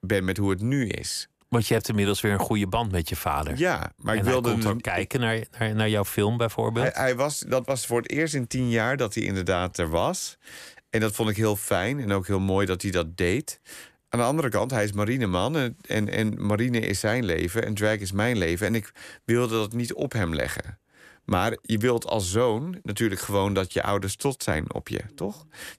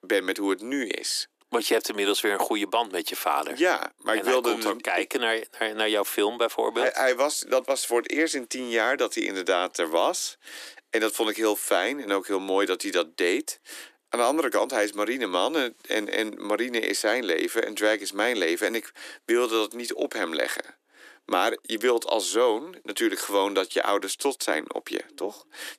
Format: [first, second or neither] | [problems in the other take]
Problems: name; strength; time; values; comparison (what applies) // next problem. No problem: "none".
first | thin; somewhat; fading below 300 Hz